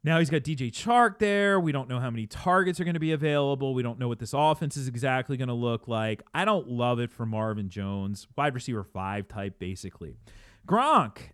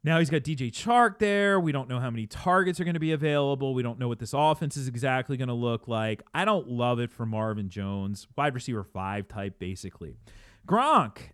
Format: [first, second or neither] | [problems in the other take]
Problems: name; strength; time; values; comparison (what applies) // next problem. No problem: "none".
neither | muffled; slightly; fading above 2 kHz; the same in both